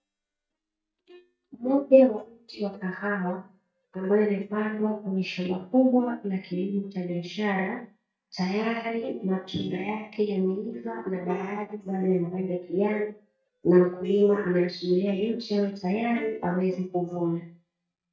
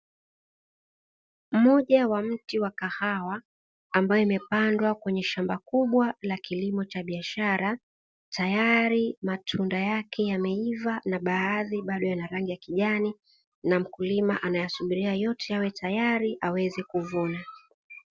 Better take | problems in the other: second | noise reduction (neural mask model DeepFilterNet 3)

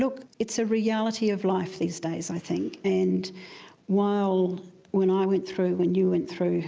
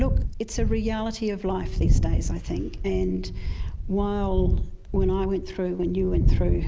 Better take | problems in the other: first | background sound (Wind); 3 dB above the speech

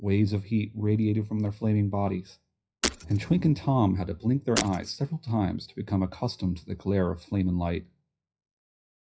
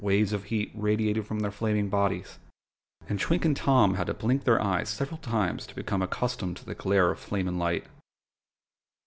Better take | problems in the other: second | noise reduction (classical method WPE with log-MMSE)

